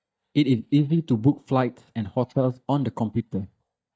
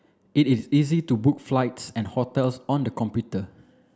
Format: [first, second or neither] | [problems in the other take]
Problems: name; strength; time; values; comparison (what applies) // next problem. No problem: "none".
second | noise reduction (neural mask model DeepFilterNet 3)